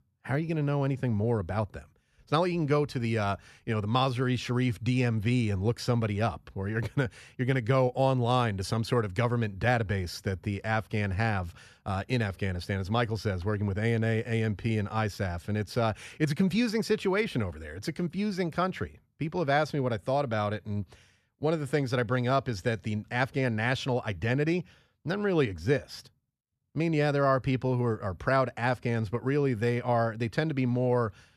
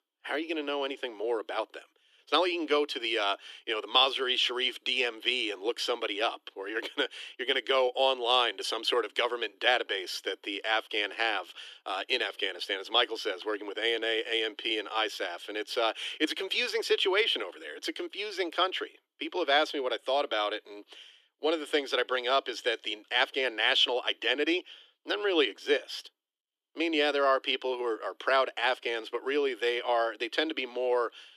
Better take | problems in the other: first | thin; very; fading below 300 Hz

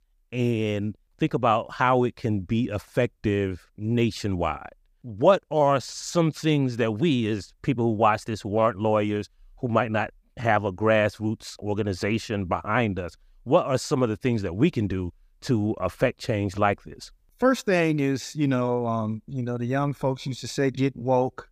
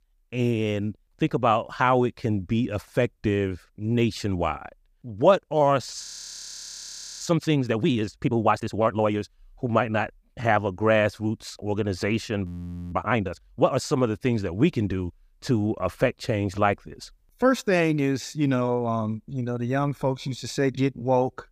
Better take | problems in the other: first | audio freezing; at 6 s for 1 s and at 12 s

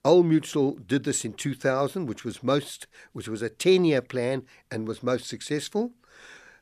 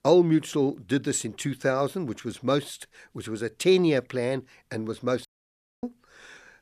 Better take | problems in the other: first | audio cutting out; at 5.5 s for 0.5 s

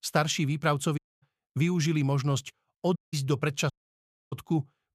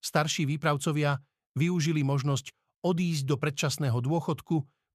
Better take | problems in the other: second | audio cutting out; at 1 s, at 3 s and at 3.5 s for 0.5 s

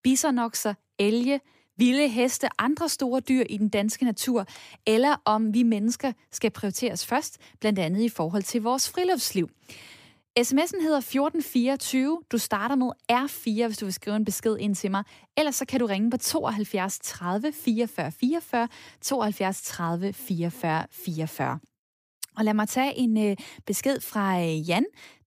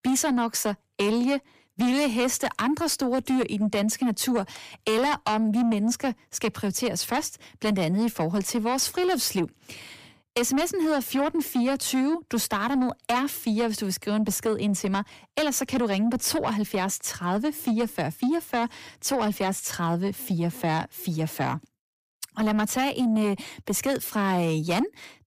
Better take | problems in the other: first | distortion; slight; 10 dB below the speech

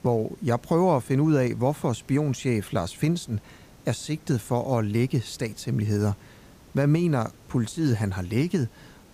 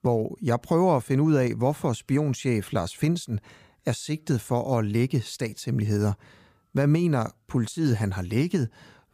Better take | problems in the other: second | hiss; faint; throughout; 25 dB below the speech

